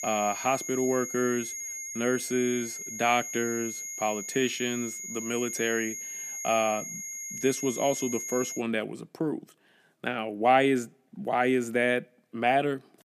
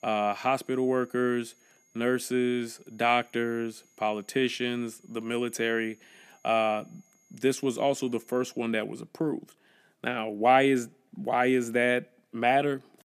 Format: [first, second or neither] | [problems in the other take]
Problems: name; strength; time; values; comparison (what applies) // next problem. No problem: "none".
second | high-pitched whine; loud; until 8.5 s; 6.5 kHz, 6 dB below the speech; faint in the second